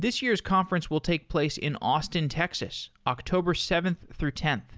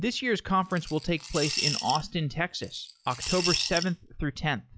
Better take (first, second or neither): first